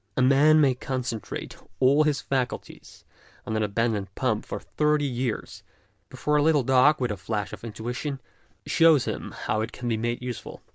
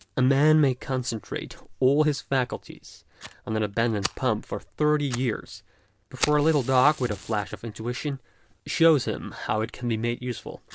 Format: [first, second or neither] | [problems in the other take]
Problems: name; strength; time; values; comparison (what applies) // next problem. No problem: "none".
first | background sound (Fire); 17 dB below the speech